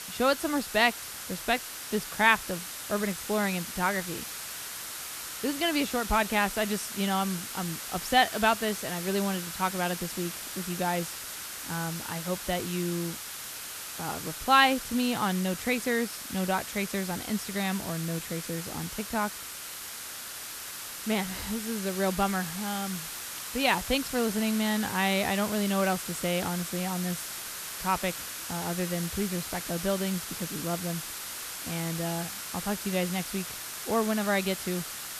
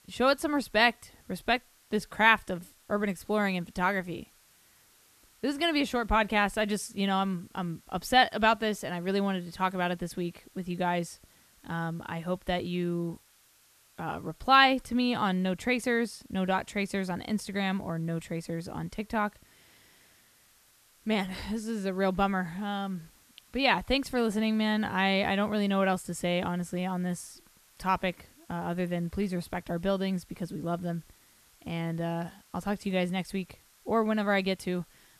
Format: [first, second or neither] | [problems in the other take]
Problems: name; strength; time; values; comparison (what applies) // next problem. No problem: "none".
second | hiss; loud; throughout; 6 dB below the speech; faint in the second